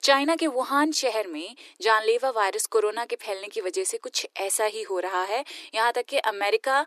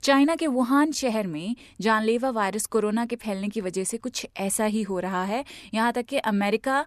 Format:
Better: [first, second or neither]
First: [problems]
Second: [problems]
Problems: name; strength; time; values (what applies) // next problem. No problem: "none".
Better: second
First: thin; somewhat; fading below 300 Hz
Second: none